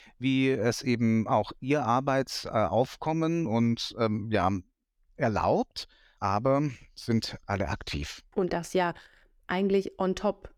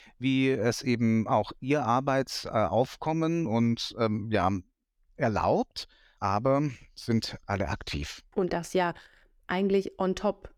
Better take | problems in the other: neither | none

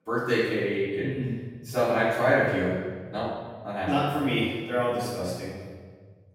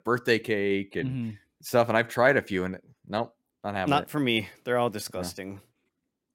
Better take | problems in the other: second | room echo; strong; dies away in 1.5 s // off-mic speech; far

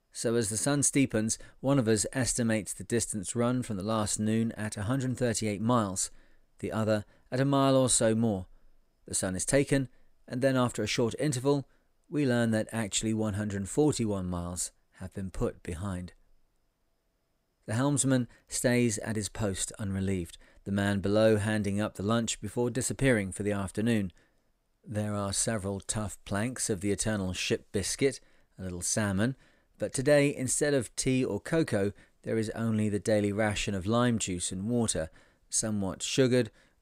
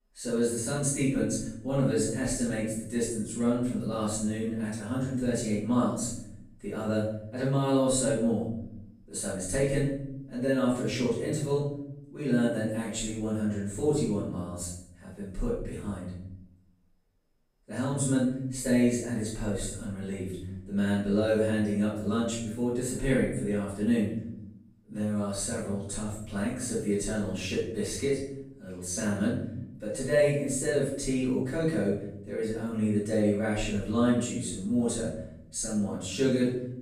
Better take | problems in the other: first | off-mic speech; far // room echo; noticeable; dies away in 0.8 s

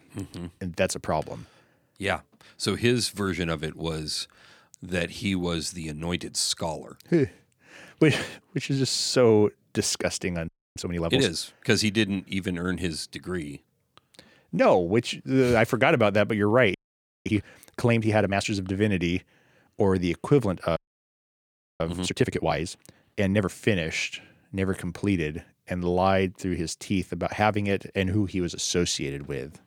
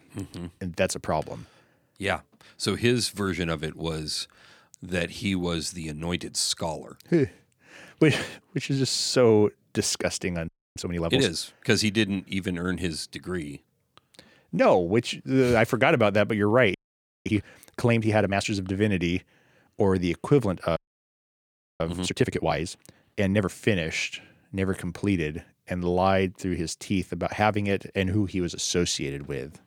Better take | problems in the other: neither | audio freezing; at 10 s, at 17 s for 0.5 s and at 21 s for 1 s; the same in both

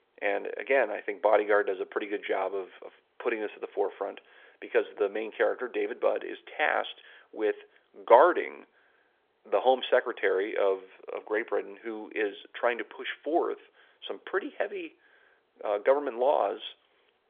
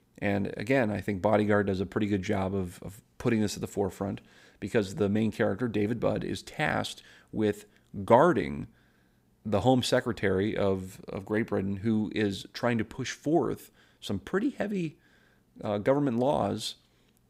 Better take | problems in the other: second | phone-call audio; nothing above 3.5 kHz

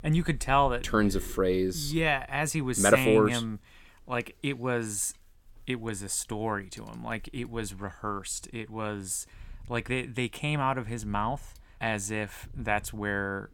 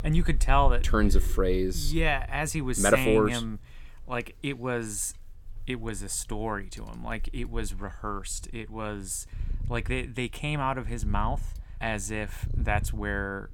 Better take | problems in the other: first | animal sounds; loud; throughout; 6 dB below the speech; faint in the first

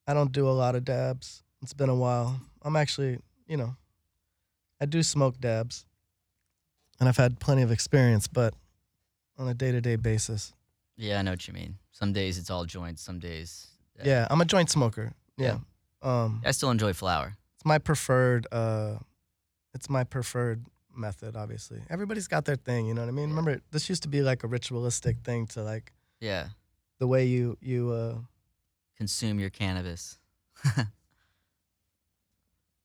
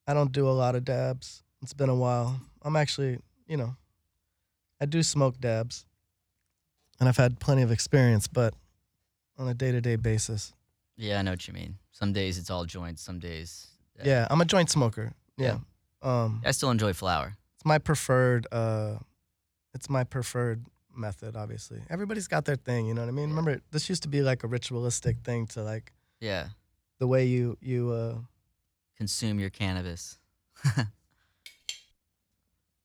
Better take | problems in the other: first | clattering dishes; faint; at 31 s; peak 10 dB below the speech

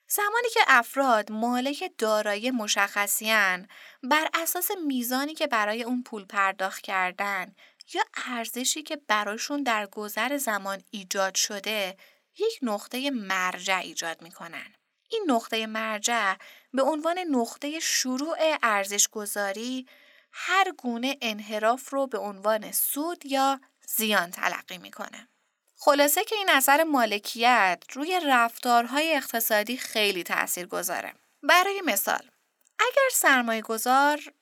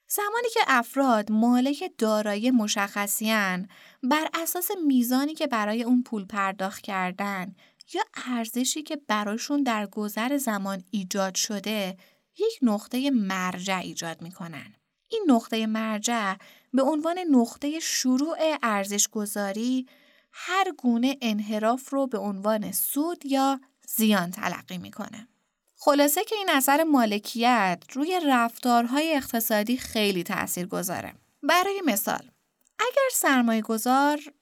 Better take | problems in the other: second | thin; somewhat; fading below 400 Hz

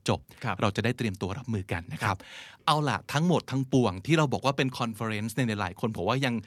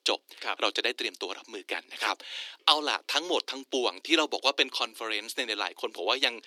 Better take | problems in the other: first | thin; very; fading below 300 Hz

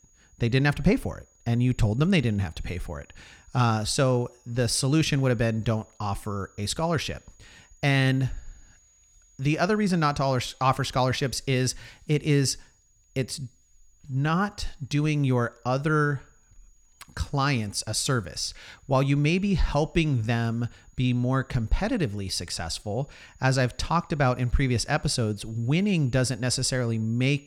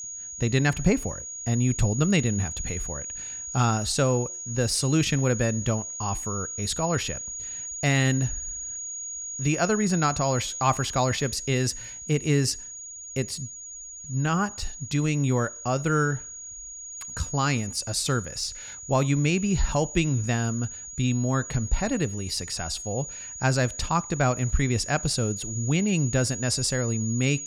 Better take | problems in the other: first | high-pitched whine; loud; throughout; 6.5 kHz, 8 dB below the speech; faint in the first

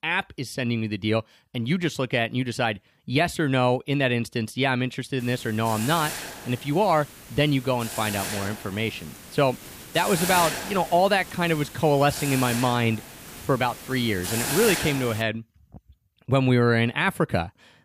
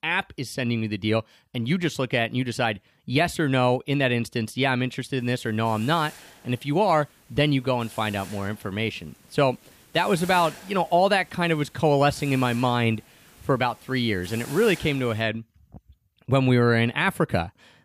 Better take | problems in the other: second | hiss; loud; from 5 to 15 s; 7 dB below the speech; faint in the second

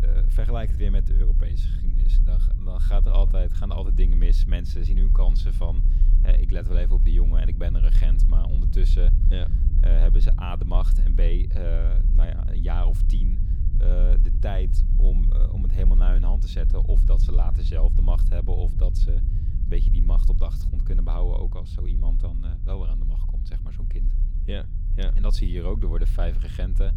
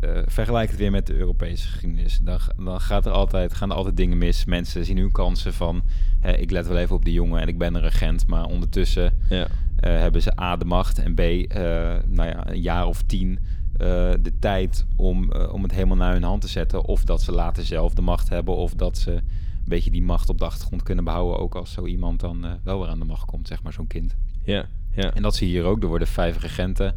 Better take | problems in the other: second | low rumble; loud; throughout; 6 dB below the speech; faint in the second

